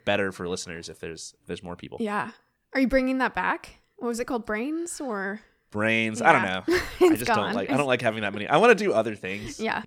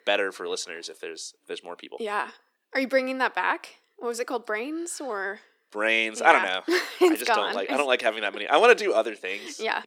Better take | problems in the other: first | thin; somewhat; fading below 300 Hz

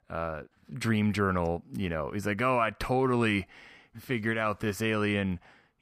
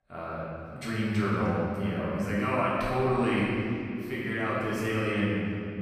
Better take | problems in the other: first | room echo; strong; dies away in 2.5 s // off-mic speech; far

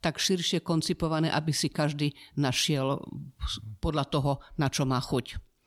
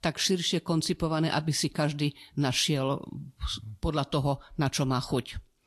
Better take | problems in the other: first | garbled, watery; slightly; nothing above 12 kHz

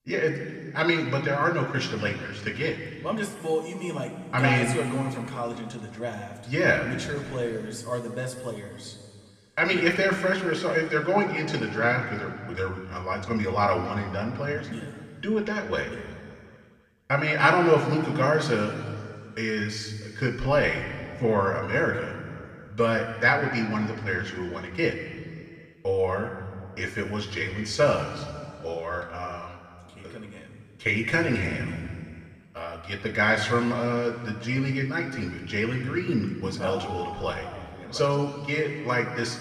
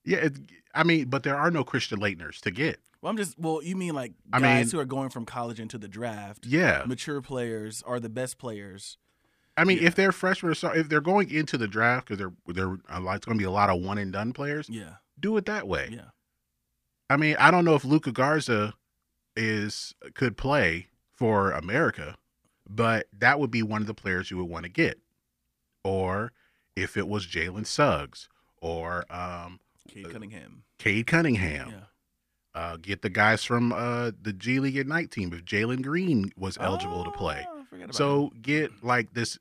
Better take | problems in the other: second | room echo; noticeable; dies away in 2.1 s // off-mic speech; somewhat distant

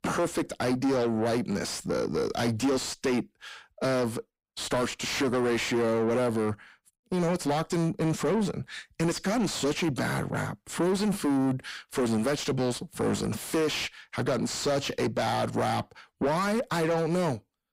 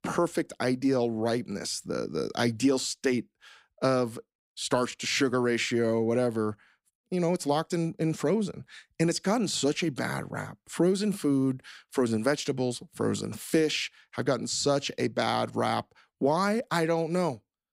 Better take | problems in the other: second | distortion; heavy; 7 dB below the speech

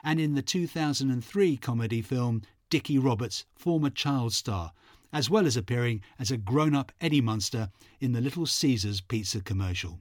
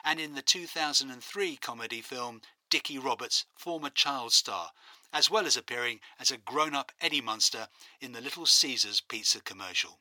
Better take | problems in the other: first | thin; very; fading below 750 Hz

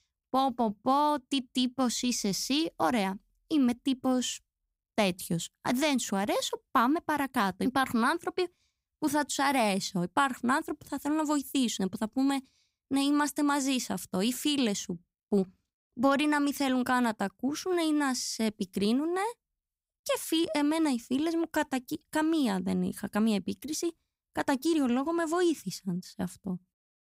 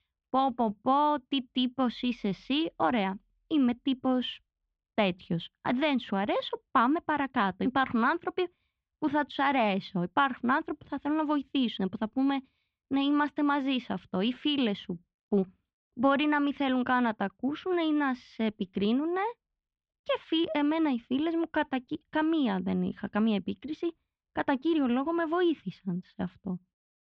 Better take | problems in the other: first | muffled; very; fading above 3.5 kHz

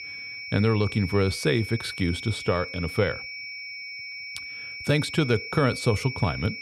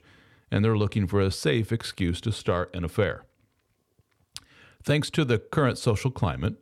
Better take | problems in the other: second | high-pitched whine; loud; throughout; 2.5 kHz, 9 dB below the speech

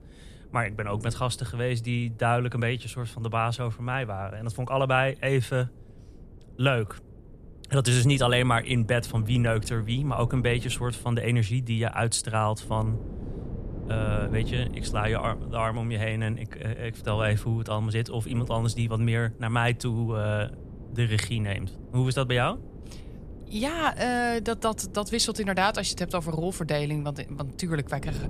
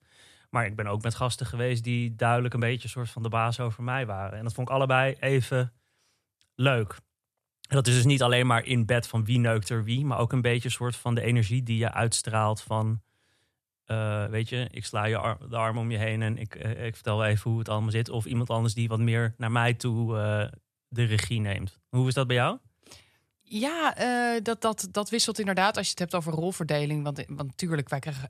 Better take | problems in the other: second | wind noise on the microphone; occasional gusts; 20 dB below the speech

